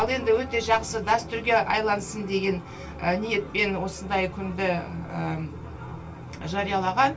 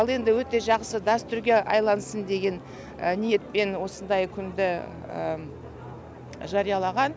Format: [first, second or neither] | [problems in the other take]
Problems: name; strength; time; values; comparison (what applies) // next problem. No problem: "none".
second | room echo; dies away in 0.1 s